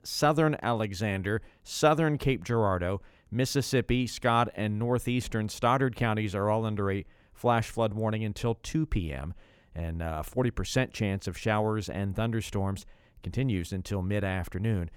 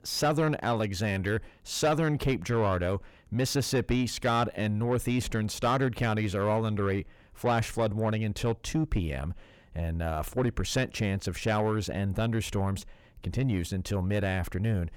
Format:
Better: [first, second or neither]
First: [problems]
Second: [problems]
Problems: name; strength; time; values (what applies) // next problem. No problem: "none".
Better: first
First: none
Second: distortion; slight; 10 dB below the speech